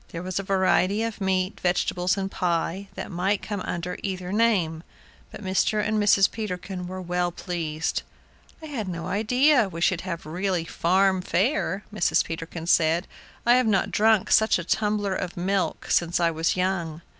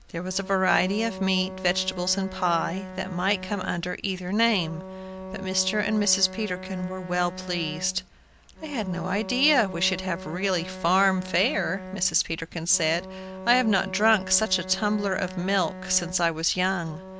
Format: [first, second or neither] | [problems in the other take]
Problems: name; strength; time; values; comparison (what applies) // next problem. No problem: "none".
first | background sound (Bowed string instrument); 12 dB below the speech